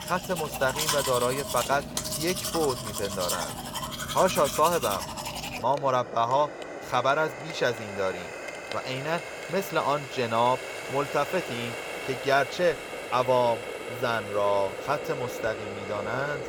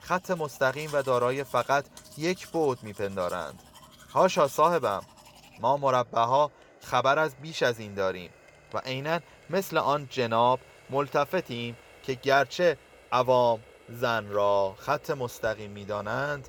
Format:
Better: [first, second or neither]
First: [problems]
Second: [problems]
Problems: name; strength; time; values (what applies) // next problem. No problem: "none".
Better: second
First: household noises; loud; throughout; 6 dB below the speech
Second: household noises; faint; throughout; 25 dB below the speech